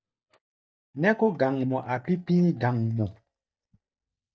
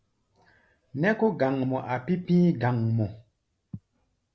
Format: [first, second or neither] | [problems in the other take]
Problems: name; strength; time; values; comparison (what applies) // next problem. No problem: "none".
second | noise reduction (neural mask model DeepFilterNet 3)